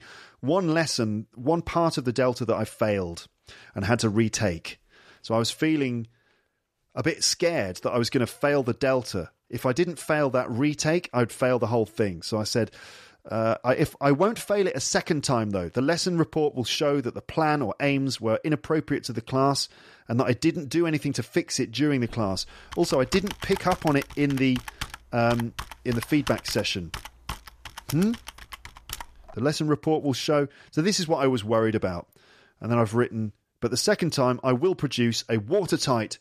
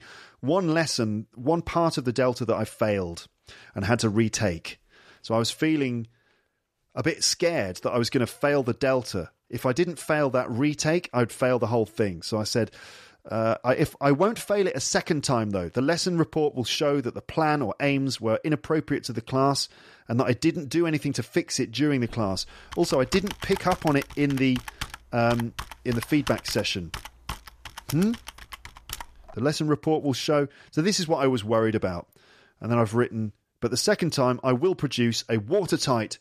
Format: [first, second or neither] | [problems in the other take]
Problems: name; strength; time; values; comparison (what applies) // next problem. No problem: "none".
neither | keyboard typing; noticeable; from 22 to 29 s; peak 10 dB below the speech; the same in both